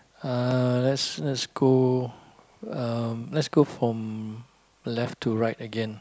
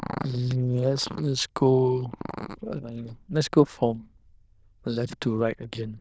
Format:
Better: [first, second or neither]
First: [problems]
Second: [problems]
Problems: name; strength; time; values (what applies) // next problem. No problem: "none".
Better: first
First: none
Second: noise reduction (neural diffusion model UNIVERSE++)